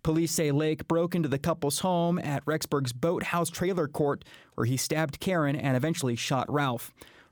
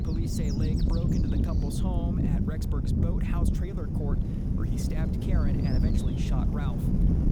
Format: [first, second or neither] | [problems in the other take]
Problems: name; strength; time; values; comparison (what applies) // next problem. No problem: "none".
first | wind noise on the microphone; heavy; 4 dB above the speech